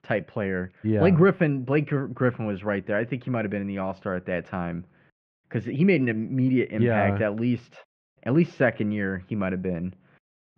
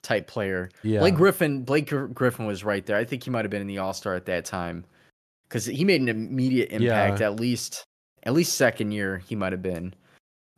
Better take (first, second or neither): second